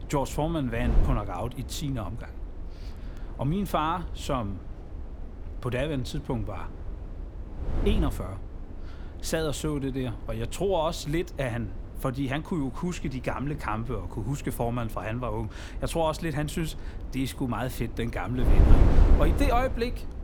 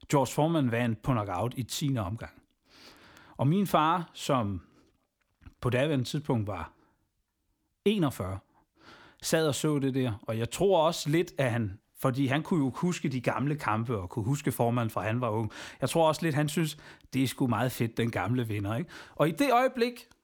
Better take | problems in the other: second | wind noise on the microphone; occasional gusts; 10 dB below the speech

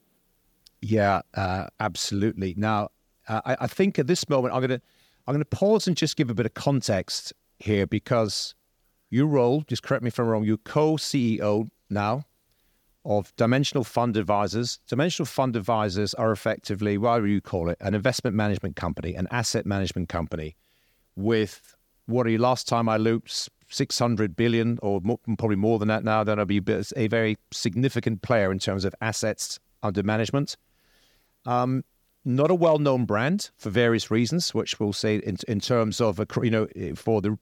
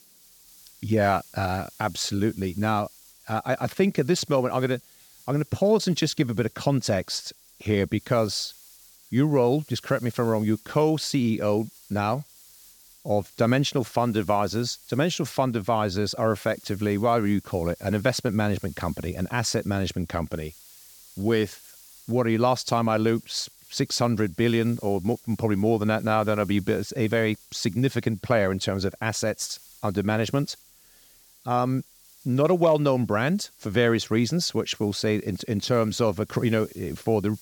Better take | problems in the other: first | hiss; faint; throughout; 25 dB below the speech

